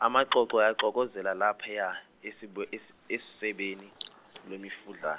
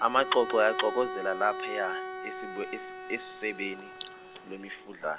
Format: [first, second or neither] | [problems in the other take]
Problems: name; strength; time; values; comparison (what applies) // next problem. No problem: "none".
first | background sound (Bowed string instrument); 8 dB below the speech